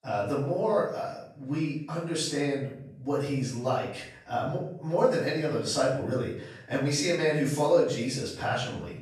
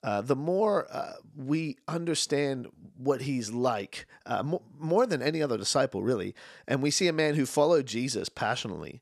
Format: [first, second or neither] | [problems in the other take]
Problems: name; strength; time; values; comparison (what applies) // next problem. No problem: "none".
second | off-mic speech; far // room echo; noticeable; dies away in 0.6 s